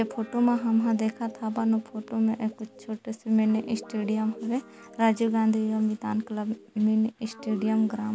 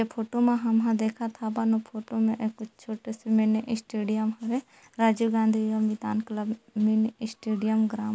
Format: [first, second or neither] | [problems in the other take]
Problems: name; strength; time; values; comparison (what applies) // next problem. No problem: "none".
second | background sound (Guitar); 18 dB below the speech